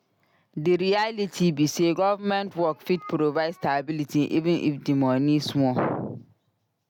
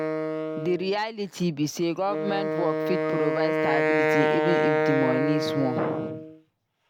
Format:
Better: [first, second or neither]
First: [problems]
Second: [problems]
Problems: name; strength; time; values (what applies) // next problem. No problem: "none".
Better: first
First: none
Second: background sound (Wind instrument, woodwind instrument); 2 dB above the speech